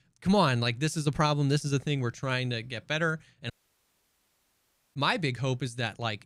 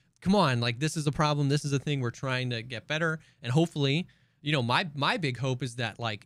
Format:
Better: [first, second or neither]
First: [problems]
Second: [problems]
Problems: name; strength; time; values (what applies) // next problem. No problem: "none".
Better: second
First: audio cutting out; at 3.5 s for 1.5 s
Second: none